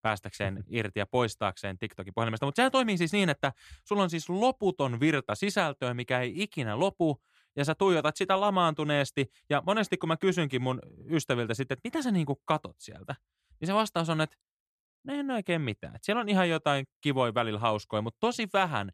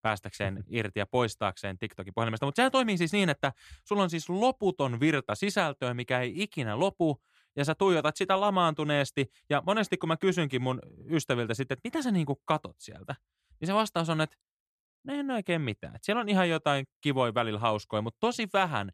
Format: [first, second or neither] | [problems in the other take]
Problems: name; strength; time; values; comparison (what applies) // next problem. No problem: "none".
neither | none